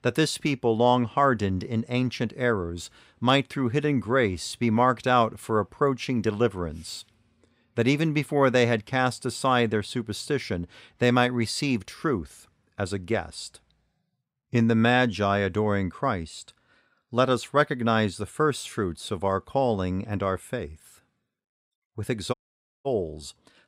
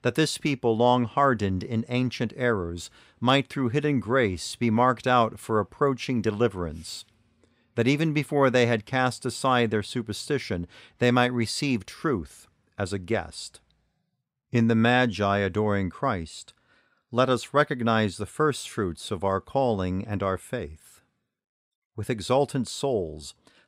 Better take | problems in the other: second | audio cutting out; at 22 s for 0.5 s

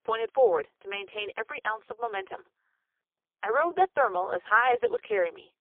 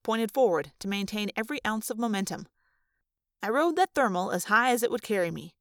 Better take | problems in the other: second | phone-call audio; poor line; nothing above 3.5 kHz

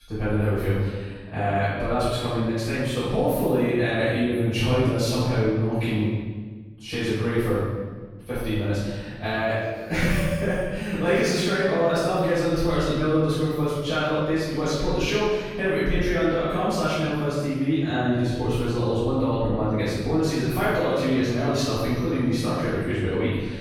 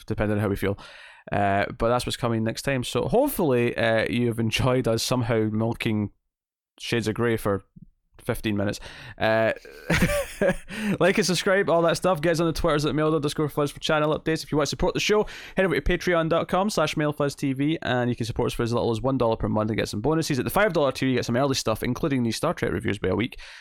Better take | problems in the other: second | off-mic speech; far // room echo; strong; dies away in 1.3 s

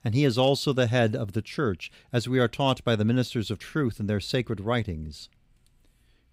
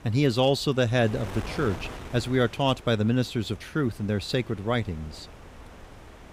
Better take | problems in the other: first | wind noise on the microphone; occasional gusts; 15 dB below the speech

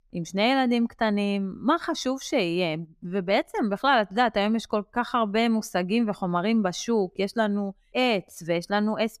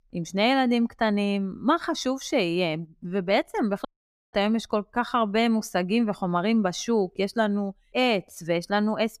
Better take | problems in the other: first | audio cutting out; at 4 s

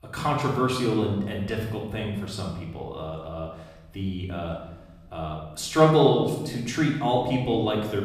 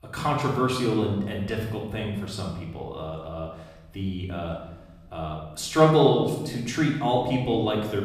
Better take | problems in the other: neither | room echo; noticeable; dies away in 0.9 s; the same in both // off-mic speech; far; the same in both

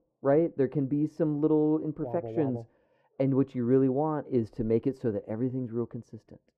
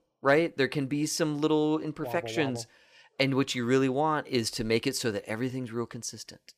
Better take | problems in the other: second | muffled; very; fading above 1.5 kHz

